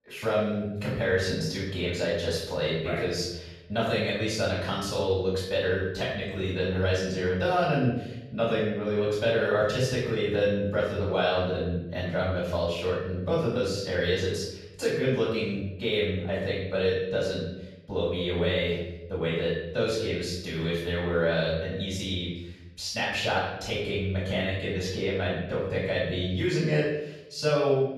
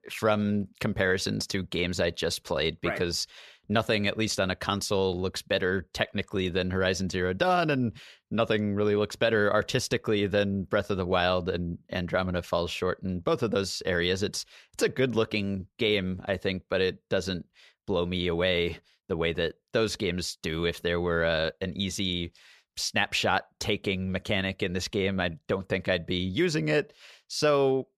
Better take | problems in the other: second | off-mic speech; far // room echo; noticeable; dies away in 0.9 s

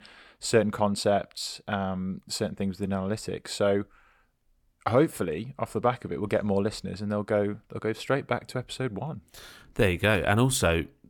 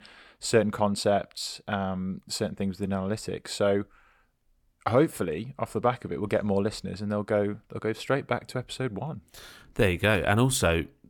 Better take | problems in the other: neither | none

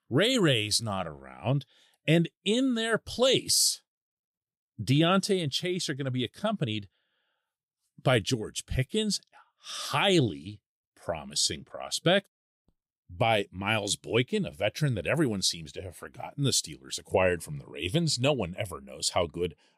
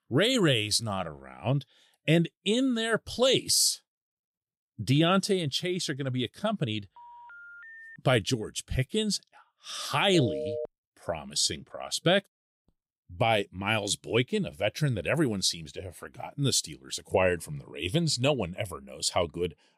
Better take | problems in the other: first | phone ringing; faint; from 7 to 8 s; peak 20 dB below the speech // phone ringing; noticeable; at 10 s; peak 6 dB below the speech

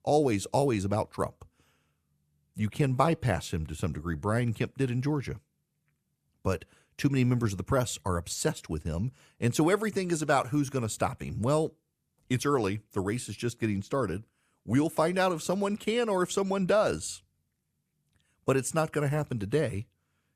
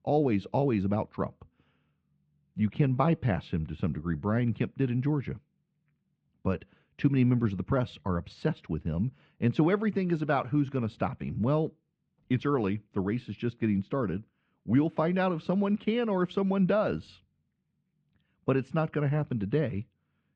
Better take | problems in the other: first | muffled; very; fading above 3.5 kHz

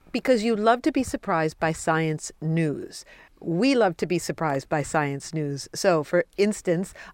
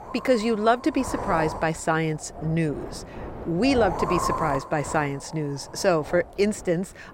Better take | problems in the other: first | wind noise on the microphone; heavy; 6 dB below the speech

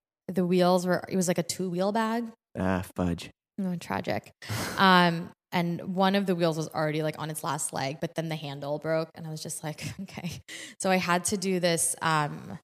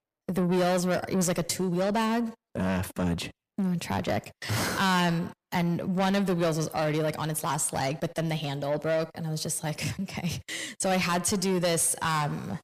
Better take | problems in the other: first | distortion; heavy; 5 dB below the speech

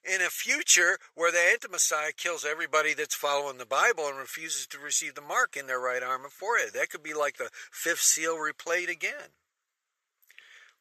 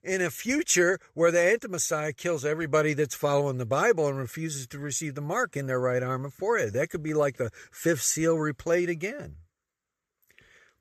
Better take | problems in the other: second | thin; very; fading below 850 Hz

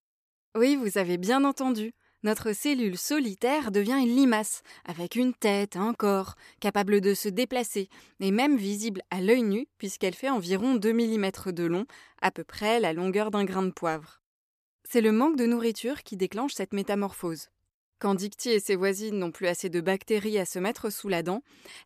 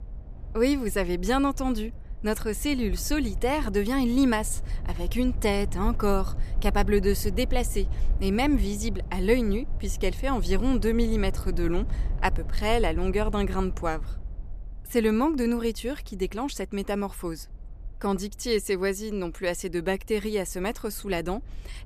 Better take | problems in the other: first | low rumble; faint; throughout; 20 dB below the speech

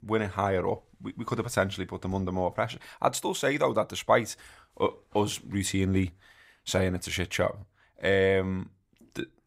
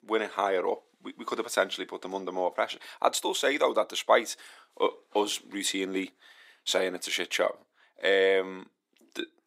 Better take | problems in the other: first | thin; somewhat; fading below 300 Hz

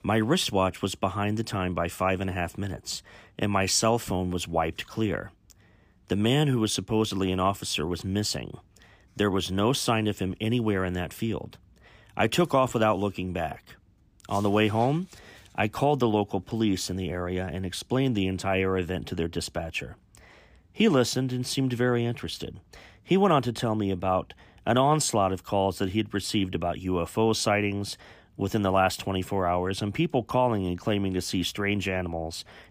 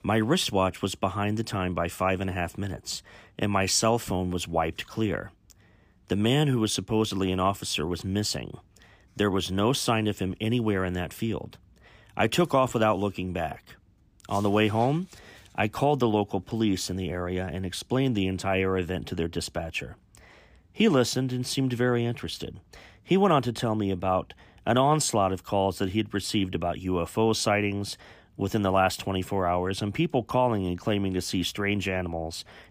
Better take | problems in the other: neither | none

